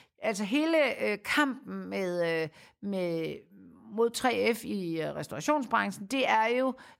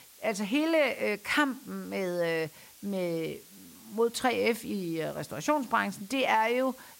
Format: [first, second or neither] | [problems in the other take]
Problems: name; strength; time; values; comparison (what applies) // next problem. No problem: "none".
first | hiss; faint; throughout; 20 dB below the speech